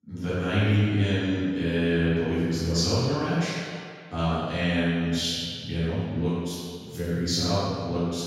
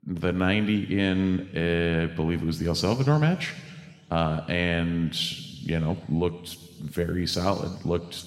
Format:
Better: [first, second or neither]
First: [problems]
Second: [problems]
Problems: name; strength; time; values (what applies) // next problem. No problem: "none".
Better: second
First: room echo; strong; dies away in 1.8 s // off-mic speech; far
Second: room echo; slight; dies away in 1.6 s